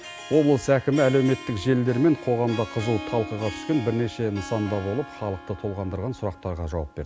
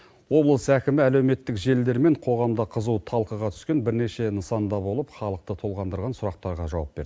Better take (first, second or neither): second